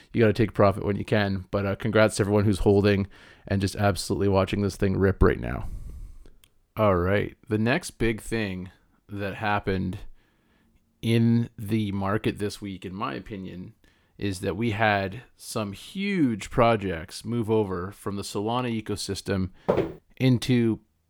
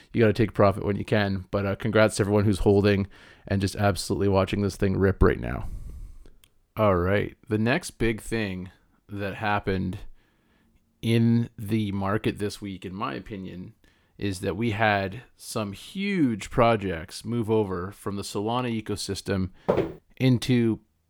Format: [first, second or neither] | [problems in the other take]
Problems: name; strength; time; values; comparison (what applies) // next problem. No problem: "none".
neither | footsteps; noticeable; at 20 s; peak 1 dB below the speech; the same in both